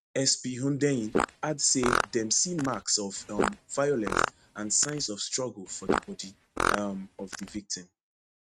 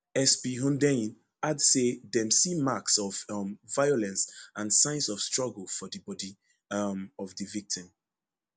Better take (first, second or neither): second